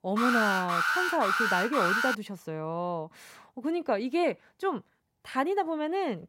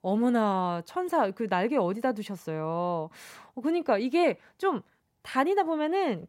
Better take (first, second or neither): second